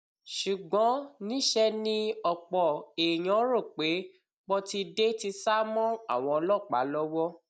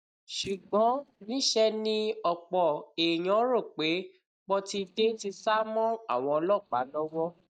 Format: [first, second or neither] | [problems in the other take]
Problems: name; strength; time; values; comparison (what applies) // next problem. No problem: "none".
first | noise reduction (neural mask model DeepFilterNet 3)